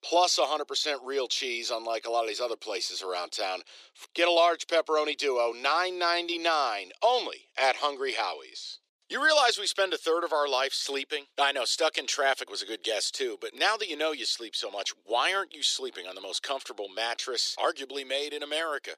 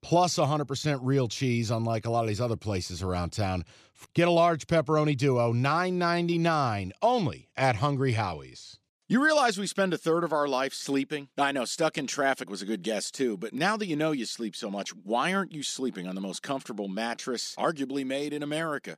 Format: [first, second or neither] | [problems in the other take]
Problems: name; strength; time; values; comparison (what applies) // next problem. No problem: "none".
second | thin; very; fading below 400 Hz